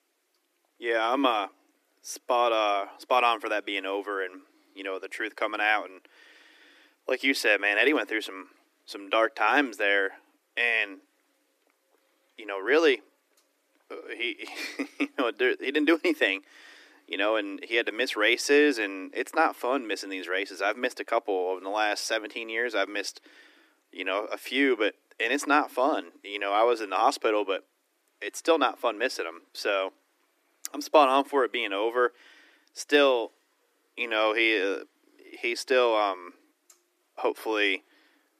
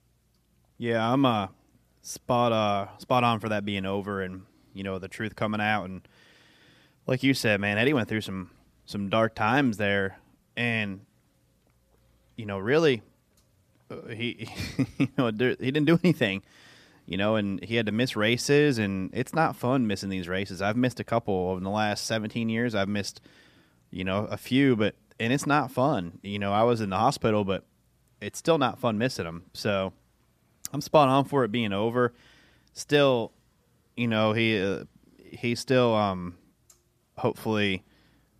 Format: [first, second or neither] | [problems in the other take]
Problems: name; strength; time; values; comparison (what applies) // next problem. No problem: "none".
second | thin; somewhat; fading below 300 Hz